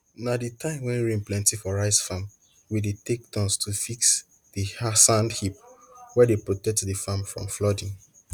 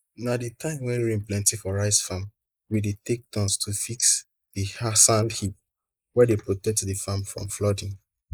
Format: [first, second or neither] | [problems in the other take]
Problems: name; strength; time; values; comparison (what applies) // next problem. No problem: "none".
first | noise reduction (neural mask model Resemble Enhance denoiser)